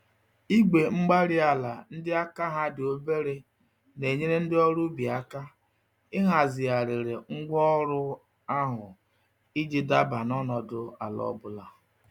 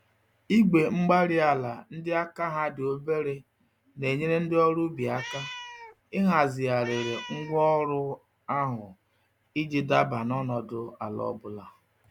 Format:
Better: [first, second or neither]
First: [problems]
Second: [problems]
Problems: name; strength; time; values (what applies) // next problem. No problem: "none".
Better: first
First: none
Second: background sound (Meow); 12 dB below the speech